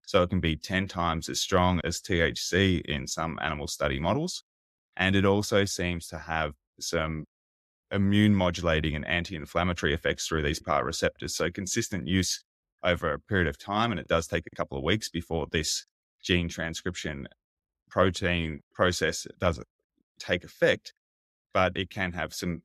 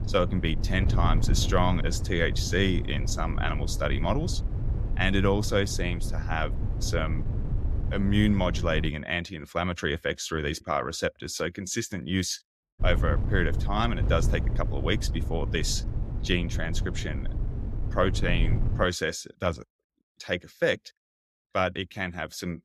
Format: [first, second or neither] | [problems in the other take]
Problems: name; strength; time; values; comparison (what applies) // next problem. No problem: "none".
first | wind noise on the microphone; occasional gusts; until 9 s and from 13 to 19 s; 15 dB below the speech